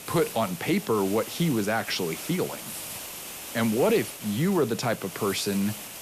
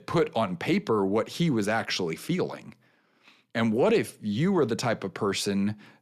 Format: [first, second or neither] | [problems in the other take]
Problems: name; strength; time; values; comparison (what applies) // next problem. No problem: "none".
second | hiss; loud; throughout; 10 dB below the speech